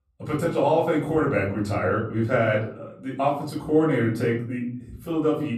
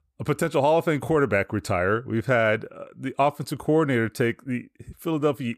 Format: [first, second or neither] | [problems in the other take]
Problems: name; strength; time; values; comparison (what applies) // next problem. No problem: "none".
second | off-mic speech; far // room echo; slight; dies away in 0.6 s